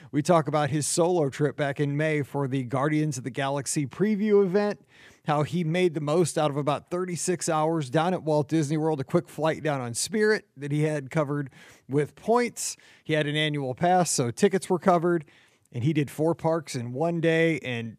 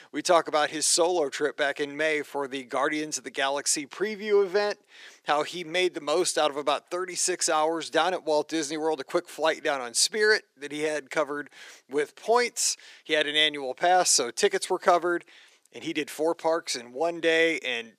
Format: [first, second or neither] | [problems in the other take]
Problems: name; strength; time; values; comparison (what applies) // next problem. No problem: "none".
first | thin; very; fading below 350 Hz